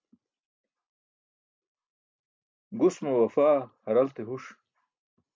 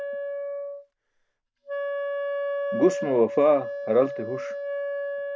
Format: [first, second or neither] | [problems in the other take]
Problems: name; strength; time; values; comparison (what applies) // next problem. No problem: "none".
first | background sound (Wind instrument, woodwind instrument); 4 dB below the speech